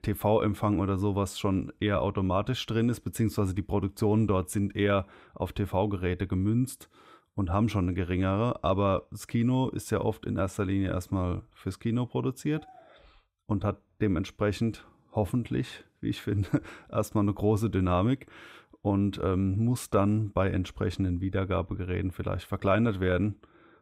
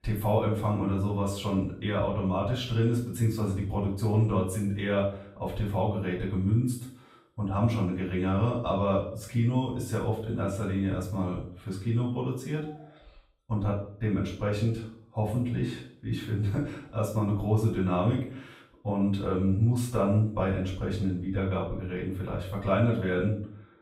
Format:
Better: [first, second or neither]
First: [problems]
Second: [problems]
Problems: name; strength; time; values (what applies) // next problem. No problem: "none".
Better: first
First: none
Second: room echo; noticeable; dies away in 0.5 s // off-mic speech; far